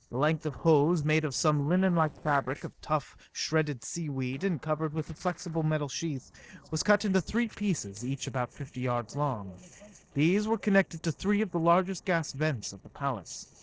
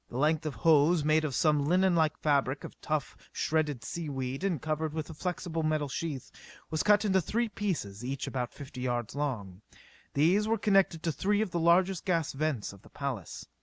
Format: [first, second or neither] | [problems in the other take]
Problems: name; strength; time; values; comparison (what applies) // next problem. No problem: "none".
second | noise reduction (neural separator model SepFormer DNS4)